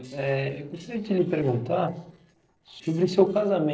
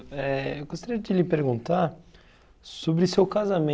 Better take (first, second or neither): second